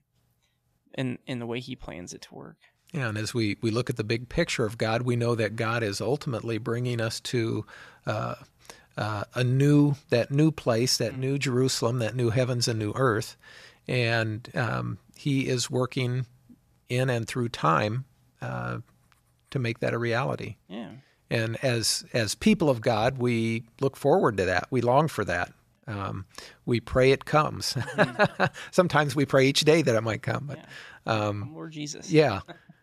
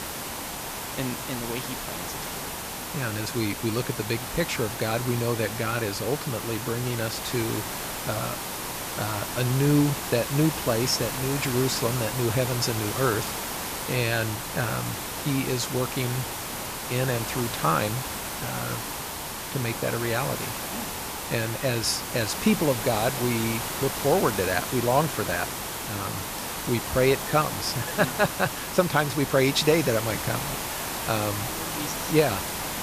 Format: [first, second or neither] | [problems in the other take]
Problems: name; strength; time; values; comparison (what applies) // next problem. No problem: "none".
first | hiss; loud; throughout; 4 dB below the speech